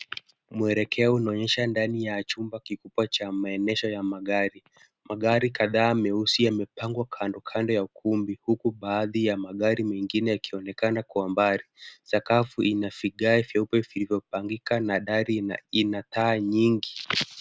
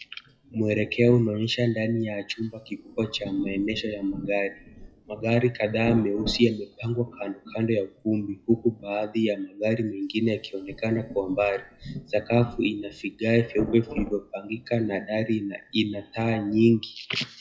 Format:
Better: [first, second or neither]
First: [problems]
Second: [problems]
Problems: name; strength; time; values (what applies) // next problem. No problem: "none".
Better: first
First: none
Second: noise reduction (classical method WPE with log-MMSE)